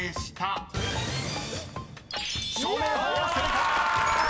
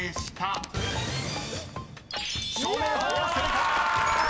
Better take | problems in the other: first | background sound (Tools); 15 dB below the speech

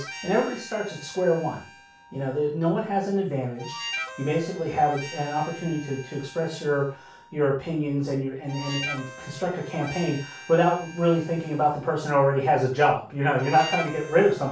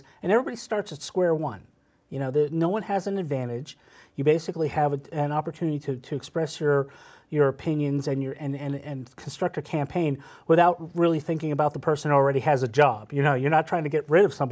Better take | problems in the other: second | background sound (Harmonica); 15 dB below the speech // room echo; dies away in 0.3 s

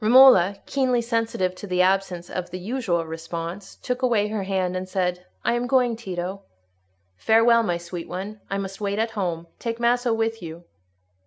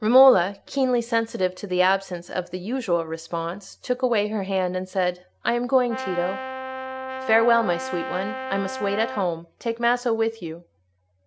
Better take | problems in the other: first | background sound (Brass instrument); 8 dB below the speech

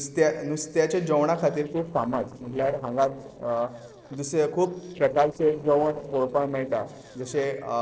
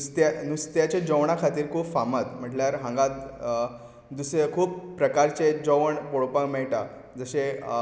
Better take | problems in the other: second | noise reduction (neural separator model SepFormer DNS4)

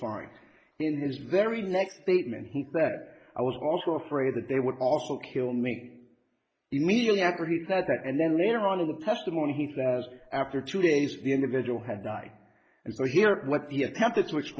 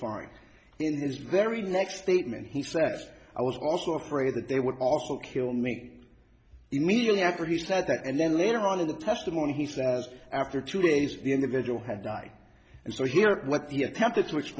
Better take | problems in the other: second | noise reduction (neural mask model Resemble Enhance denoiser)

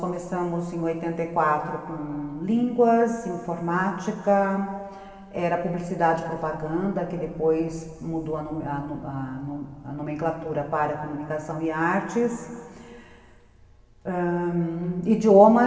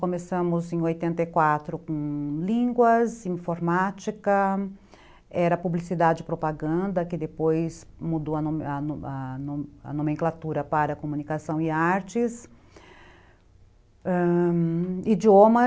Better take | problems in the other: second | room echo; dies away in 2.2 s

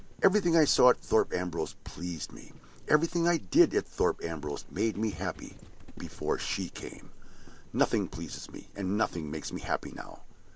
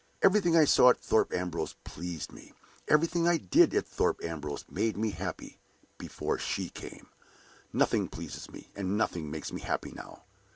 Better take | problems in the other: second | background sound (Livestock, farm animals, working animals); 13 dB below the speech

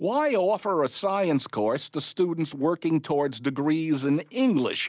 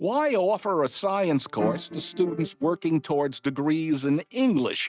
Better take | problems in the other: first | noise reduction (neural mask model RNNoise)

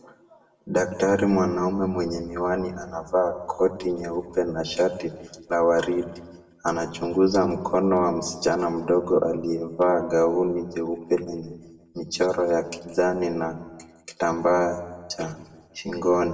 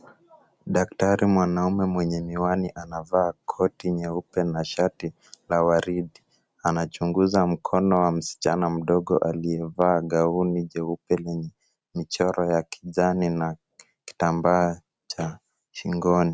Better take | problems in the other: second | room echo; dies away in 0.9 s

